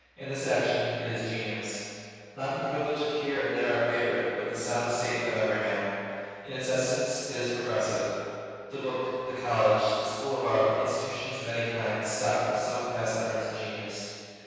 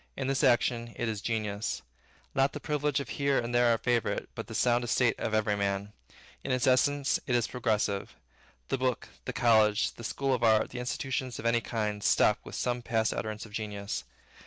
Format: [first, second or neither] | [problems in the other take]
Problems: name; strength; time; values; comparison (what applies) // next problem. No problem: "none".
second | room echo; dies away in 2.2 s